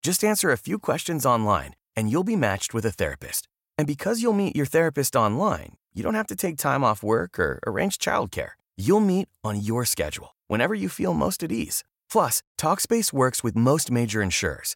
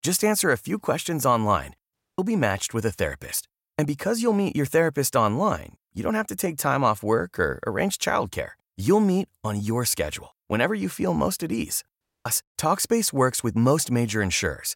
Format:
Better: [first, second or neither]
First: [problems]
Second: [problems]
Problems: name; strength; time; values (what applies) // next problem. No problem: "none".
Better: first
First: none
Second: audio cutting out; at 2 s and at 12 s